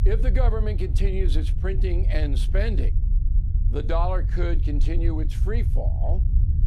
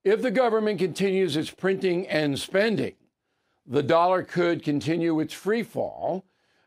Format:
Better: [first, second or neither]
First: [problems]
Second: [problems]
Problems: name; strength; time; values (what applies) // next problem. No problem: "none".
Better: second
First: low rumble; noticeable; throughout; 10 dB below the speech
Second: none